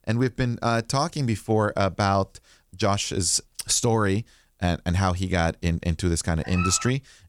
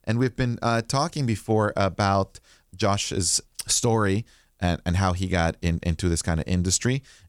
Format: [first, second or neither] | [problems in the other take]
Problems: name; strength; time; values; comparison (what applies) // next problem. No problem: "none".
second | dog barking; noticeable; at 6.5 s; peak 5 dB below the speech